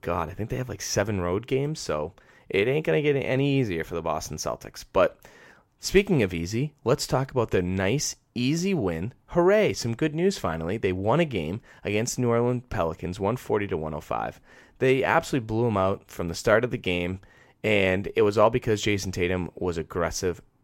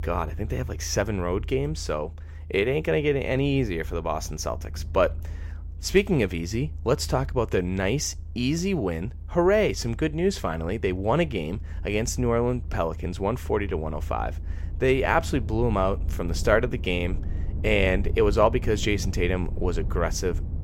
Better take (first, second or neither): first